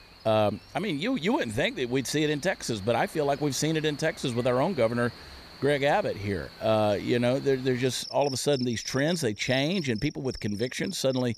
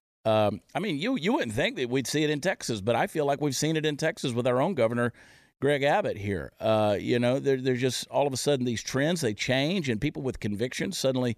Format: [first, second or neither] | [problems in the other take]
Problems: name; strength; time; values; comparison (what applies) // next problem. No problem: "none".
second | animal sounds; noticeable; throughout; 15 dB below the speech